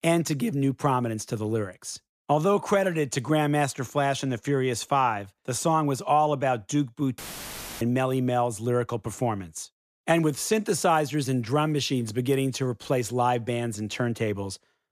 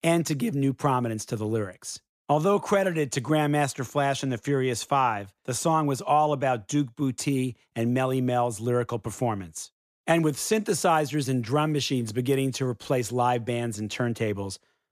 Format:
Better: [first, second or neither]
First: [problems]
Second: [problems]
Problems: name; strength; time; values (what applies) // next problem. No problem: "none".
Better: second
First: audio cutting out; filled with static; at 7 s for 0.5 s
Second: none